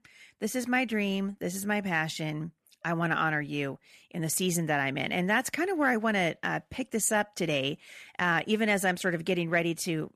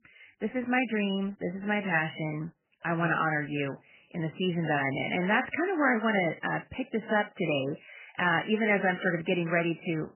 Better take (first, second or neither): first